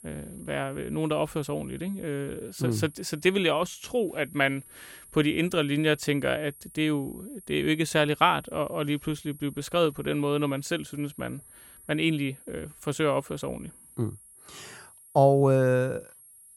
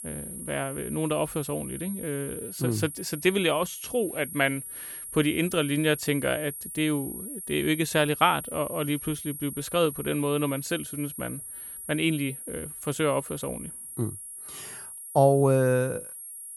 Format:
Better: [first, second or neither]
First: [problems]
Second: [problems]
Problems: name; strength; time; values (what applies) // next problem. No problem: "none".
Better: first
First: high-pitched whine; faint; throughout; 11 kHz, 20 dB below the speech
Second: high-pitched whine; loud; throughout; 11 kHz, 9 dB below the speech